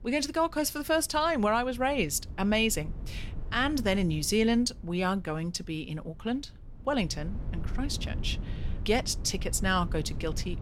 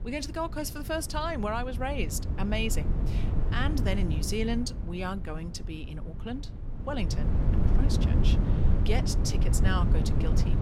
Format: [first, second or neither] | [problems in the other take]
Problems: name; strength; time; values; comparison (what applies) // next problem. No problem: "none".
first | wind noise on the microphone; heavy; 6 dB below the speech; occasional gusts in the first